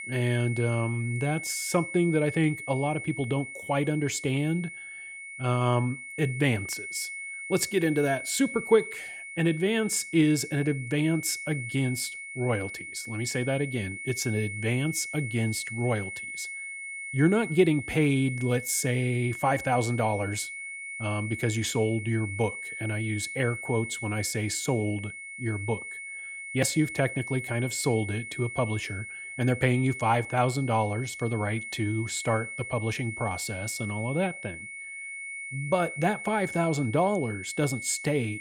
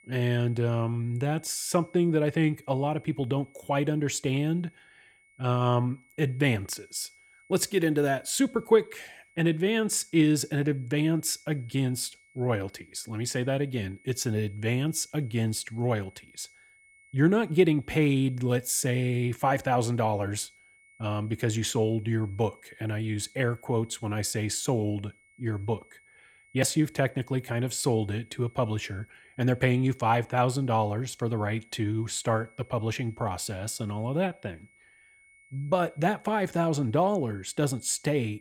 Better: second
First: high-pitched whine; loud; throughout; 2 kHz, 8 dB below the speech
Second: high-pitched whine; faint; throughout; 2 kHz, 30 dB below the speech

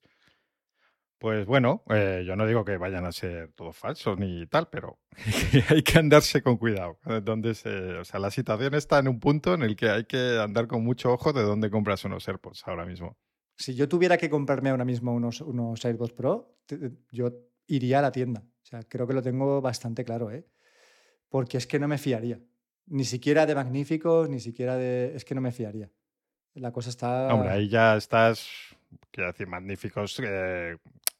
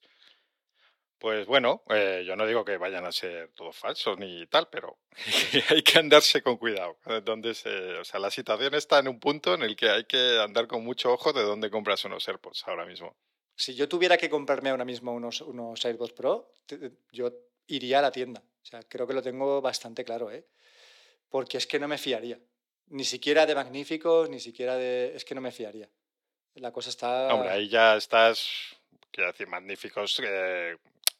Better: first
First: none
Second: thin; somewhat; fading below 450 Hz

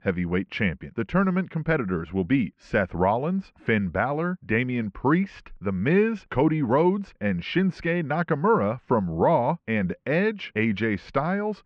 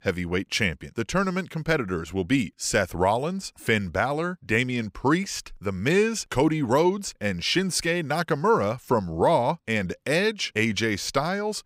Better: second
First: muffled; very; fading above 2.5 kHz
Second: none

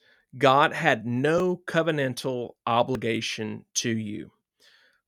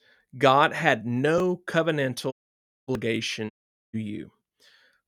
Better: first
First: none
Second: audio cutting out; at 2.5 s for 0.5 s and at 3.5 s

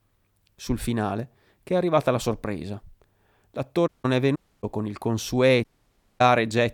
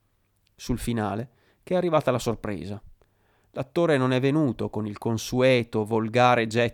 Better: second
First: audio cutting out; at 4 s, at 4.5 s and at 5.5 s for 0.5 s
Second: none

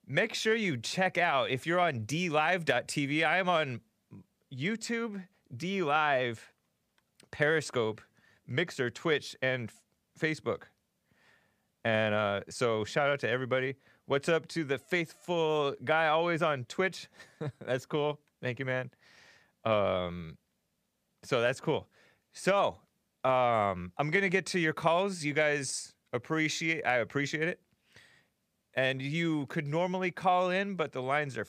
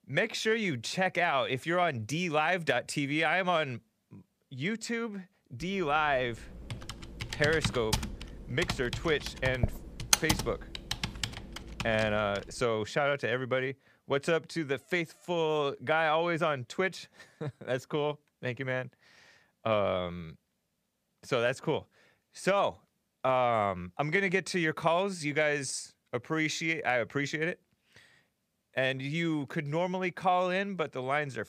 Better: first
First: none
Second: keyboard typing; loud; from 6.5 to 12 s; peak 5 dB above the speech

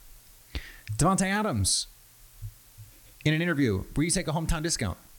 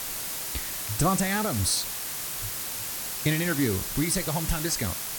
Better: first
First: hiss; faint; throughout; 25 dB below the speech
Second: hiss; loud; throughout; 3 dB below the speech

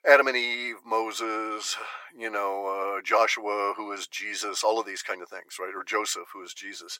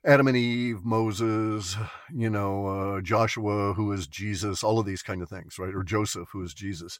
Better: second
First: thin; very; fading below 450 Hz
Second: none

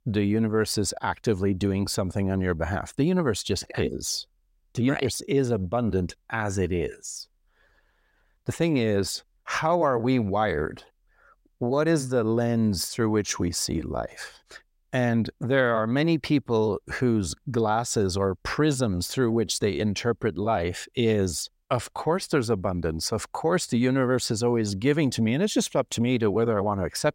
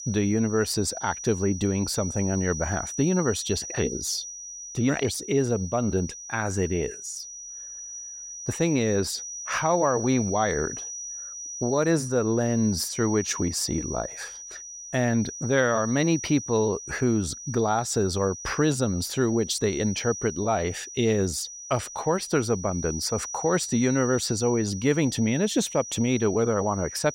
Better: first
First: none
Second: high-pitched whine; loud; throughout; 6 kHz, 9 dB below the speech

